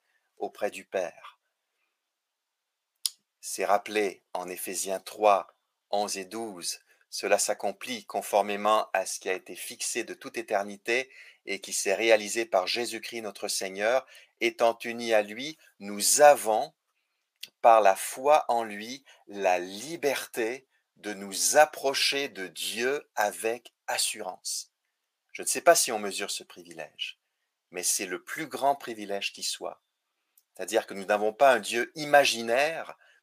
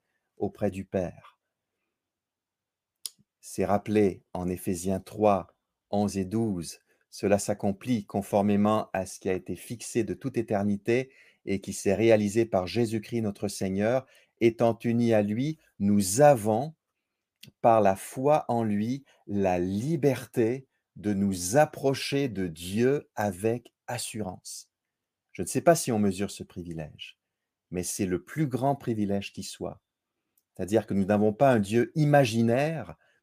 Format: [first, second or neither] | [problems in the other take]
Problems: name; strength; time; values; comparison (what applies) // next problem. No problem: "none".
second | thin; very; fading below 700 Hz